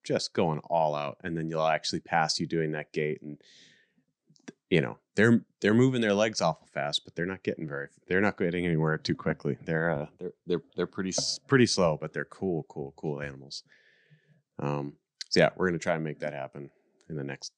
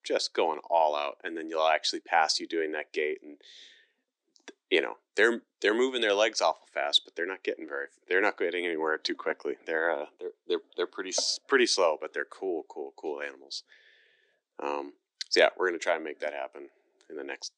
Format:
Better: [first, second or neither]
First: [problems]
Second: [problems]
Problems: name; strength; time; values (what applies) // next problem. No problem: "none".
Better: first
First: none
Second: thin; very; fading below 300 Hz